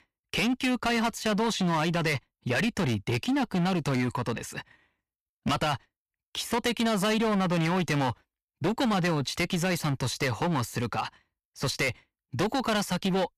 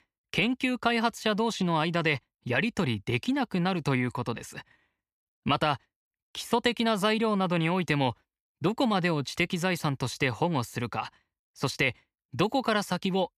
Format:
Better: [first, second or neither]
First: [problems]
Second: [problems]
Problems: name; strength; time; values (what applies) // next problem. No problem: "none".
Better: second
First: distortion; heavy; 15% of the sound clipped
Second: none